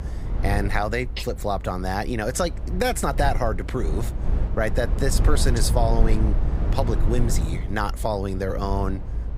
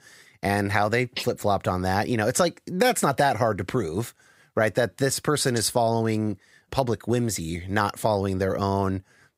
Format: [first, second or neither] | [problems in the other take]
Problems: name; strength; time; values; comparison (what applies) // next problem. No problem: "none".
second | low rumble; noticeable; throughout; 10 dB below the speech